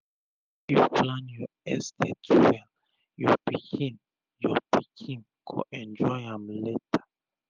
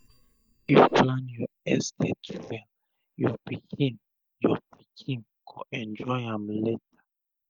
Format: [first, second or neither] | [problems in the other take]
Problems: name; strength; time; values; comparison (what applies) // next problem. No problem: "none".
first | noise reduction (neural mask model DeepFilterNet 3)